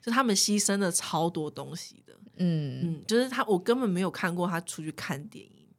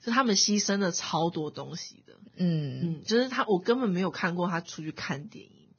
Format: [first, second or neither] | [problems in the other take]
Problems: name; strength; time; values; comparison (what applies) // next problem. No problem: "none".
first | garbled, watery; badly; nothing above 6.5 kHz